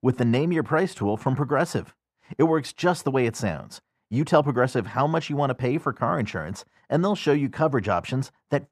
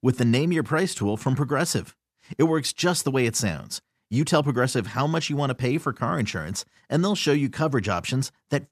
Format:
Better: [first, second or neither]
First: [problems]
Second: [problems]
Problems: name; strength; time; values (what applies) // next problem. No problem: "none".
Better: second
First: muffled; slightly; fading above 3 kHz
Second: none